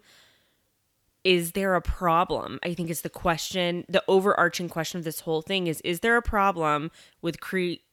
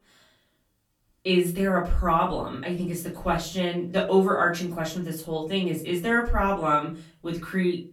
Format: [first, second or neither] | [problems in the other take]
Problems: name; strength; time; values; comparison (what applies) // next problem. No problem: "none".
first | off-mic speech; far // room echo; slight; dies away in 0.3 s